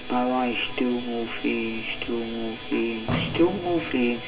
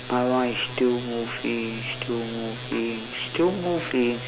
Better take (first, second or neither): second